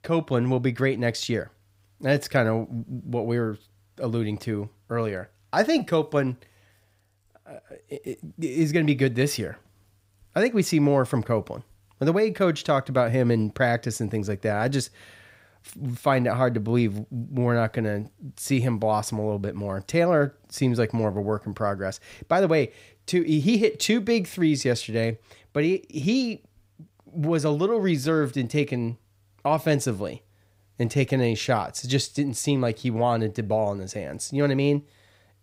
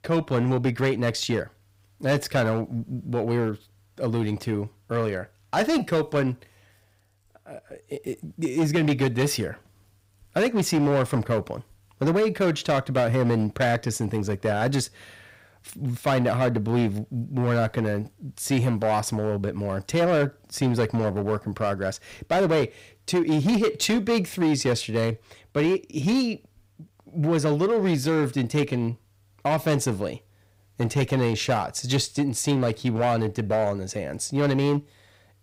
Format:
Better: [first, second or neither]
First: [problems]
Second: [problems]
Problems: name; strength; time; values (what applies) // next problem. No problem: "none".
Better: first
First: none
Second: distortion; slight; 8% of the sound clipped